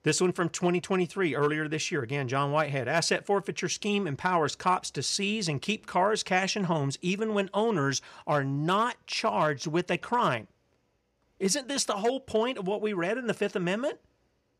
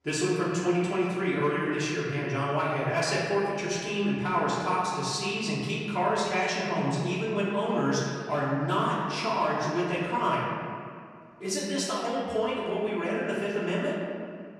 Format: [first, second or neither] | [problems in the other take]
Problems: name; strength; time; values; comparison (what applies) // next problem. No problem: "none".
first | room echo; noticeable; dies away in 2 s // off-mic speech; far